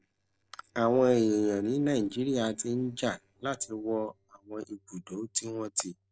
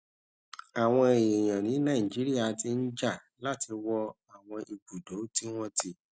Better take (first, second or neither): second